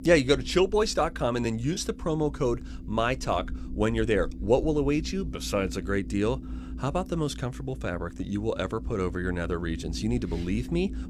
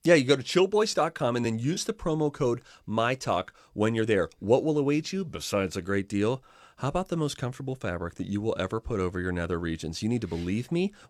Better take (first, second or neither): second